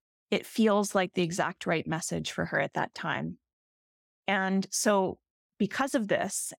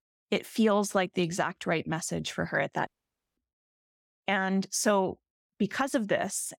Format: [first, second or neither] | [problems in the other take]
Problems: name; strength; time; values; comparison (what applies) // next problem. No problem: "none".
first | audio cutting out; at 3 s for 0.5 s